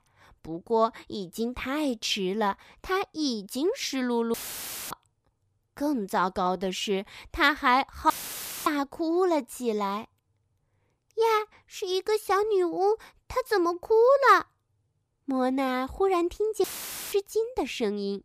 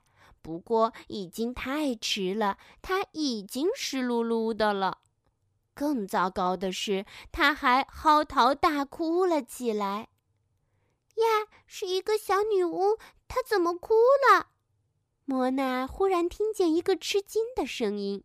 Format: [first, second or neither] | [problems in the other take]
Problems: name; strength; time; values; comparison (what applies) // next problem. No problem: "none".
second | audio cutting out; filled with static; at 4.5 s for 0.5 s, at 8 s for 0.5 s and at 17 s